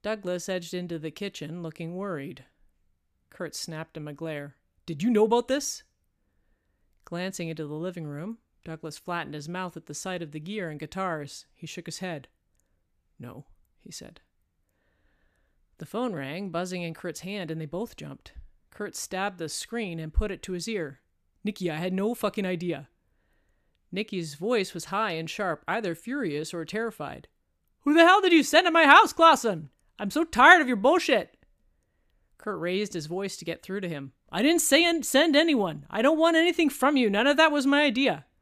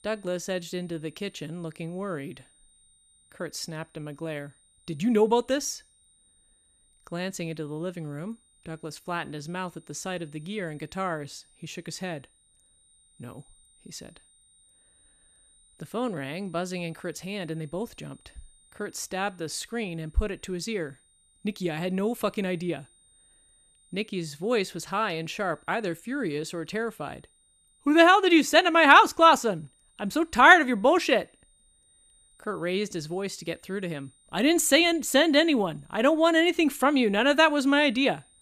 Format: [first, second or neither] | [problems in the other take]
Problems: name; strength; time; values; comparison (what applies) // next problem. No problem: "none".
first | high-pitched whine; faint; throughout; 9 kHz, 35 dB below the speech